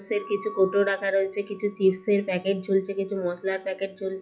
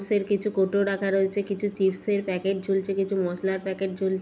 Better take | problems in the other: second | noise reduction (classical method log-MMSE)

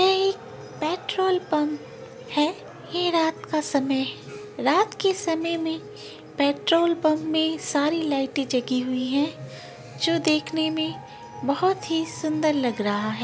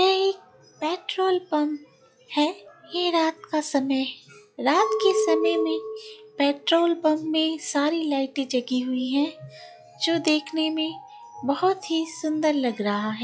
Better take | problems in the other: first | noise reduction (classical method log-MMSE)

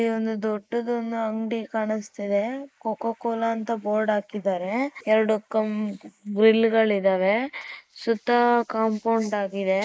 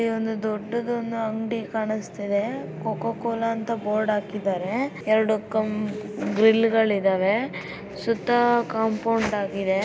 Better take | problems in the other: second | noise reduction (neural mask model Resemble Enhance denoiser)

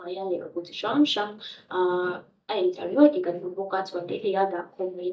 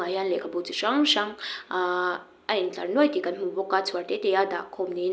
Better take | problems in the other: second | noise reduction (neural mask model DeepFilterNet 3)

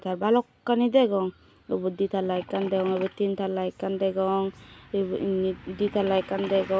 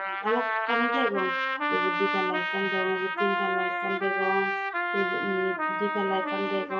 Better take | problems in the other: first | noise reduction (classical method WPE with log-MMSE)

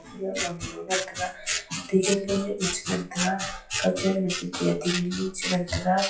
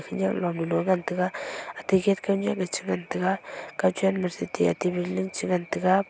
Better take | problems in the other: second | noise reduction (classical method WPE with log-MMSE)

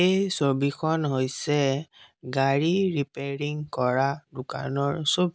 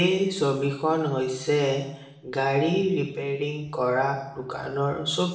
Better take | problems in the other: first | room echo; dies away in 0.8 s

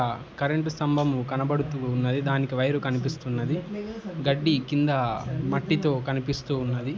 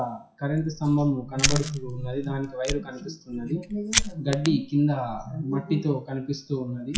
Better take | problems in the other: first | noise reduction (classical method WPE with log-MMSE)

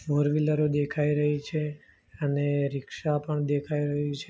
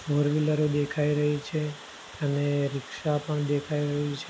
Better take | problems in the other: first | background sound (Water); 17 dB below the speech

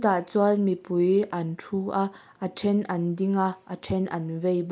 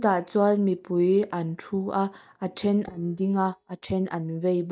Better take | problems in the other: first | noise reduction (neural mask model DeepFilterNet 3)

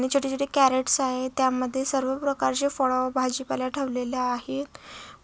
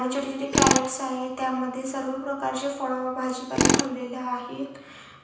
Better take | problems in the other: first | background sound (Tools); as loud as the speech // room echo; dies away in 0.9 s

